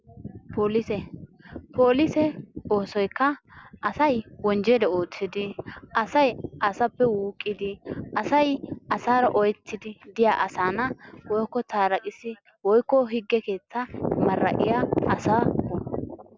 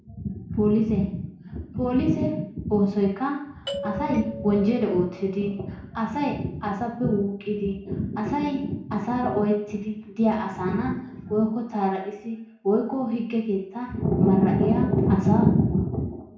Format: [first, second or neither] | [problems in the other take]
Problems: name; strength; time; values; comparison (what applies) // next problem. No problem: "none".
first | background sound (Doorbell); 12 dB below the speech // room echo; dies away in 0.5 s